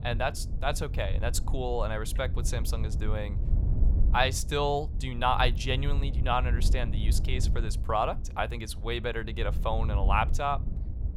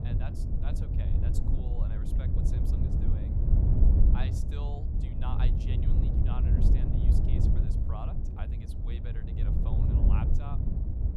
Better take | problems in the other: first | wind noise on the microphone; heavy; 4 dB above the speech; occasional gusts in the first

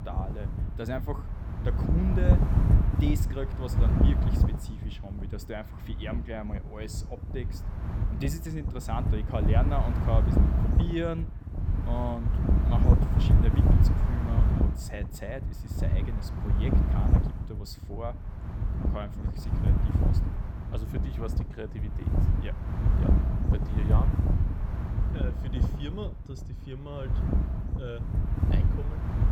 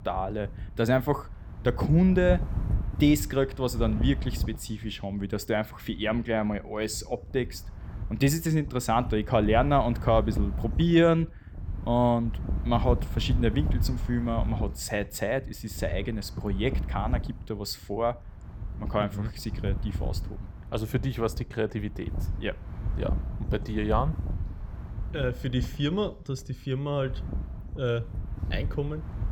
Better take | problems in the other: second | wind noise on the microphone; heavy; as loud as the speech; occasional gusts in the second

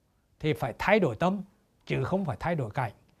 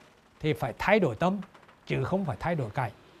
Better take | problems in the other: first | train or aircraft noise; faint; throughout; 25 dB below the speech

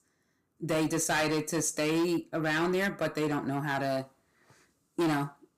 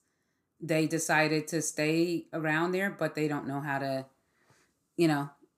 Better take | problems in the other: second | distortion; heavy; 12% of the sound clipped

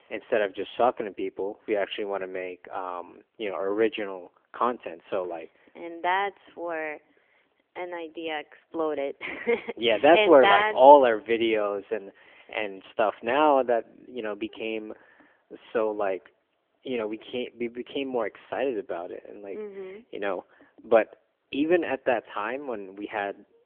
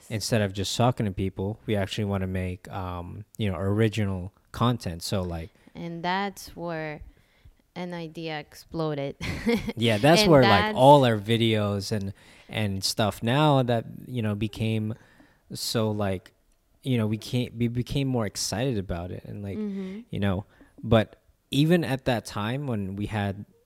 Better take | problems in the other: second | phone-call audio; nothing above 3.5 kHz

